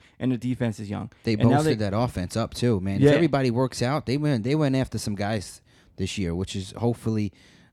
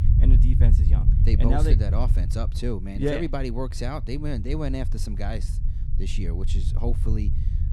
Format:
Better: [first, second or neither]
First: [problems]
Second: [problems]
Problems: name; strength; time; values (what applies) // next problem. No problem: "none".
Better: first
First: none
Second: low rumble; loud; throughout; 8 dB below the speech